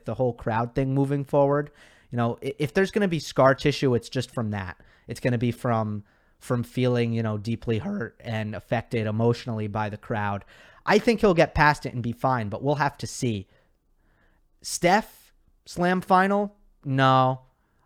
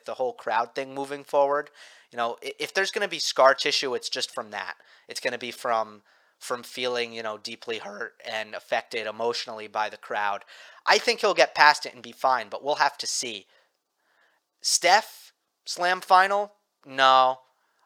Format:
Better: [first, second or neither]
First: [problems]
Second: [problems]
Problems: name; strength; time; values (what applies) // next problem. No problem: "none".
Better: first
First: none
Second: thin; very; fading below 700 Hz